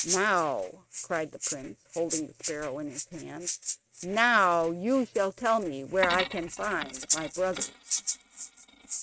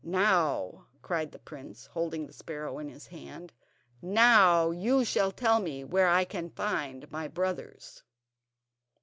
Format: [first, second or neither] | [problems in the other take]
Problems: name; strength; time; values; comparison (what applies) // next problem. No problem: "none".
second | noise reduction (neural mask model RNNoise)